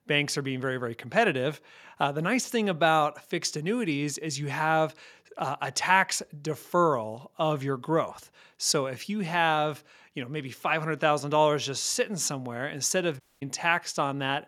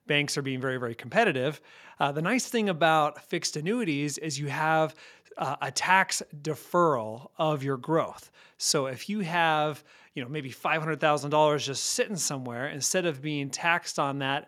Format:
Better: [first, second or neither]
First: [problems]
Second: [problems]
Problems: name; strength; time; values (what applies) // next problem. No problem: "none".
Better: second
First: audio cutting out; at 13 s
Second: none